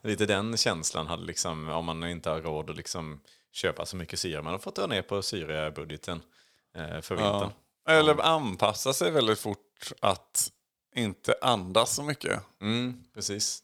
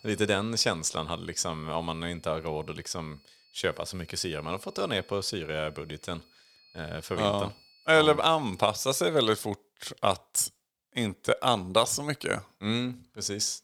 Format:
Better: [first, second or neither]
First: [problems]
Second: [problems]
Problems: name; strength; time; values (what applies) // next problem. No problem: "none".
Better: first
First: none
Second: high-pitched whine; faint; until 8.5 s; 4.5 kHz, 30 dB below the speech